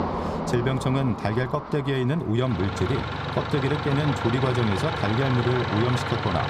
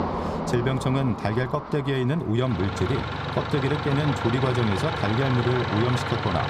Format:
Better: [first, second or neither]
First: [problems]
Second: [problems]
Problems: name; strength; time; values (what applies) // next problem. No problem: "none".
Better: neither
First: traffic noise; loud; throughout; 4 dB below the speech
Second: traffic noise; loud; throughout; 4 dB below the speech